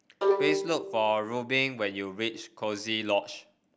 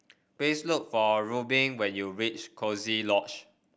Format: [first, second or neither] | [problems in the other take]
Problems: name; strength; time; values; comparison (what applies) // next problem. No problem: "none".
second | background sound (Bowed string instrument); 3 dB below the speech